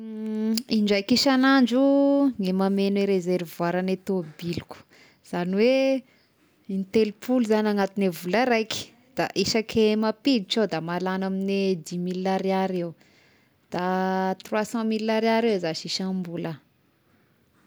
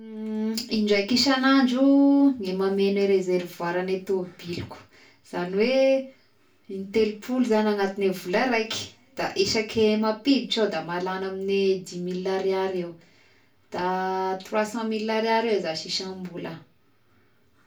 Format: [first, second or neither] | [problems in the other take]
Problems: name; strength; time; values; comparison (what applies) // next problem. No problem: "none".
first | room echo; dies away in 0.3 s